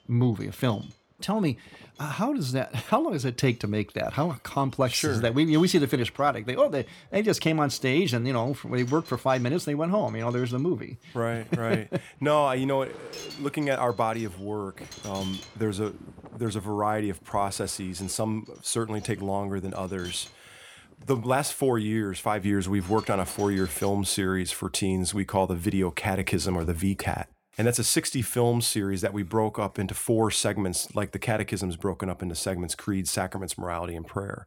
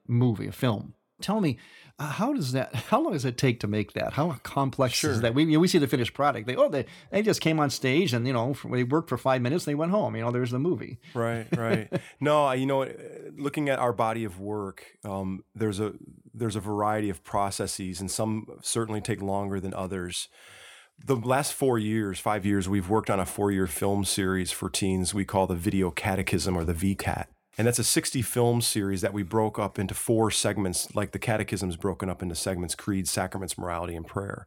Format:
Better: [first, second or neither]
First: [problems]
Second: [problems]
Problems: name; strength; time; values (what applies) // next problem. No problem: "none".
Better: second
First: wind noise on the microphone; occasional gusts; until 24 s; 20 dB below the speech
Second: none